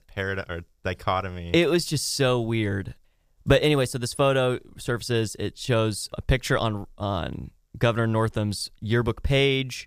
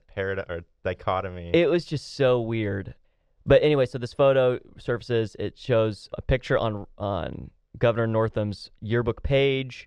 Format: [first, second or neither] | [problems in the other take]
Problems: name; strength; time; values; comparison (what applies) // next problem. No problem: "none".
first | muffled; slightly; fading above 3.5 kHz